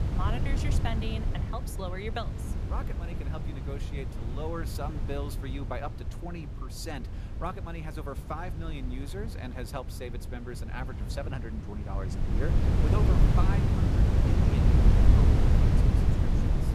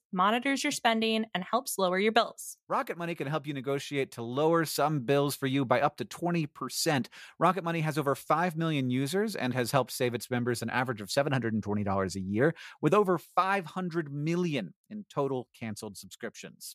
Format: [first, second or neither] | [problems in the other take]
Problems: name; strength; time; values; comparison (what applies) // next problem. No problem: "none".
second | wind noise on the microphone; heavy; 1 dB above the speech